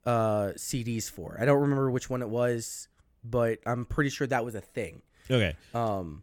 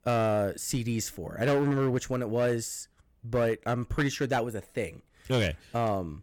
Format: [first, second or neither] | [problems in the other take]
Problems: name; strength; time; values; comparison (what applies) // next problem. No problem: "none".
first | distortion; slight; 7% of the sound clipped